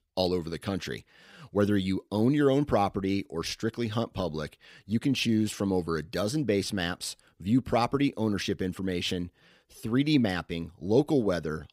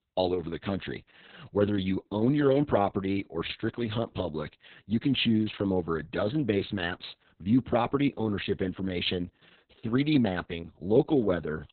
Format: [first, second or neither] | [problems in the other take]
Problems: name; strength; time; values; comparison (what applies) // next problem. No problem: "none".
first | garbled, watery; badly; nothing above 4 kHz